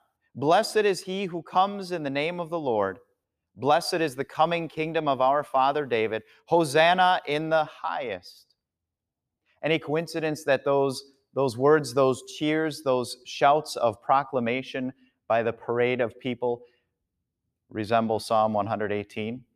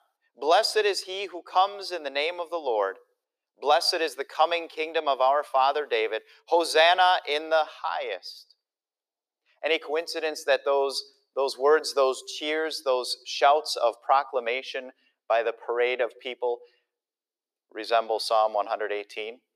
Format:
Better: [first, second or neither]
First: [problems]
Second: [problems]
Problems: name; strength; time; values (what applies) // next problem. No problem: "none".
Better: first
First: none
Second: thin; very; fading below 400 Hz